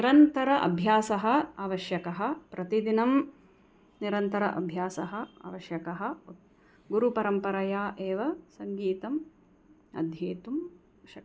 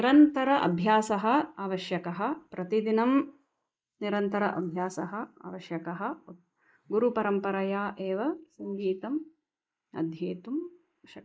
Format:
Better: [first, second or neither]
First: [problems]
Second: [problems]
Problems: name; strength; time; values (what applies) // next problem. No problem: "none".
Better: first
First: none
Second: noise reduction (neural mask model Resemble Enhance denoiser)